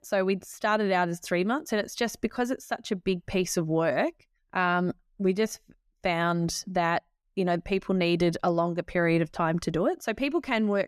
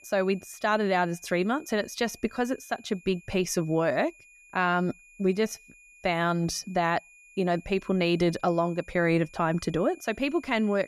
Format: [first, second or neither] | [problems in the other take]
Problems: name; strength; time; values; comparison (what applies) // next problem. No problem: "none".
first | high-pitched whine; faint; throughout; 2.5 kHz, 25 dB below the speech